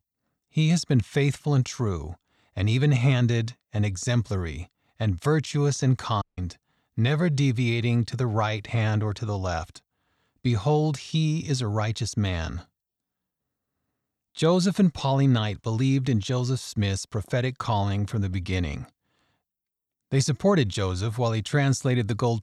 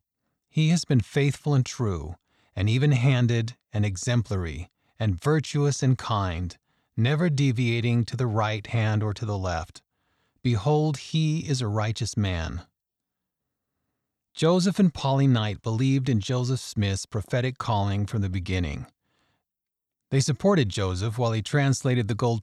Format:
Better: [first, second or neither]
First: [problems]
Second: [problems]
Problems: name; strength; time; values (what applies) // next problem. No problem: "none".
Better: second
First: audio cutting out; at 6 s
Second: none